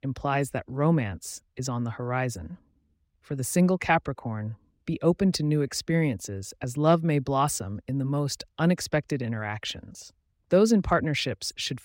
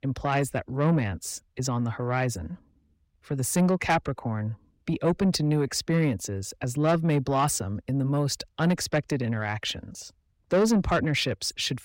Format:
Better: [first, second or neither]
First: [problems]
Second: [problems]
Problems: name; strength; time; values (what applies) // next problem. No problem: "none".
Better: first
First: none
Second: distortion; slight; 10 dB below the speech